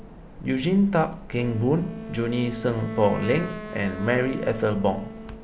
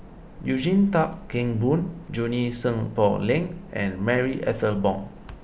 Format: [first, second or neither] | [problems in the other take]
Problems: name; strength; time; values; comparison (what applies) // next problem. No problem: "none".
second | background sound (Wind instrument, woodwind instrument); 12 dB below the speech